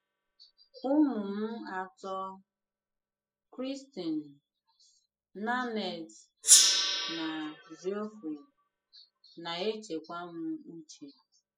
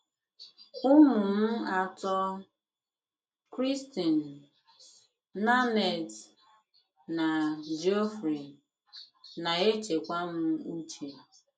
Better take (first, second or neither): second